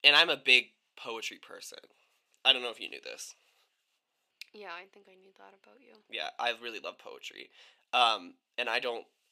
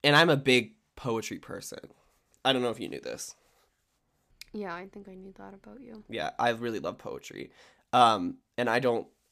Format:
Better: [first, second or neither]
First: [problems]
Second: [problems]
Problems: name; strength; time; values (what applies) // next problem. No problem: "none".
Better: second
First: thin; somewhat; fading below 500 Hz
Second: none